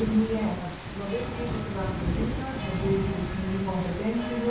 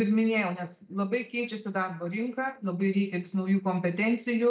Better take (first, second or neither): second